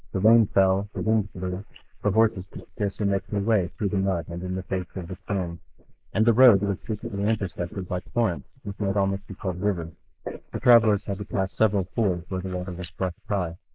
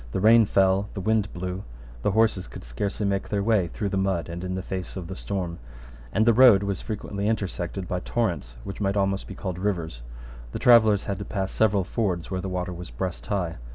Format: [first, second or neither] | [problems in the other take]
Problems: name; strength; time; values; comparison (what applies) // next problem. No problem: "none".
second | noise reduction (neural mask model Resemble Enhance denoiser)